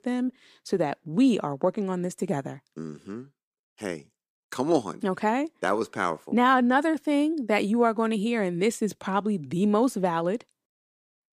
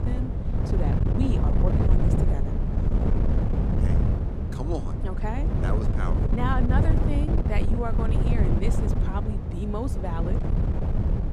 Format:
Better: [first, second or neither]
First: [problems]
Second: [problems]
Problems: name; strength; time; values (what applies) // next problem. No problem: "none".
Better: first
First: none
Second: wind noise on the microphone; heavy; as loud as the speech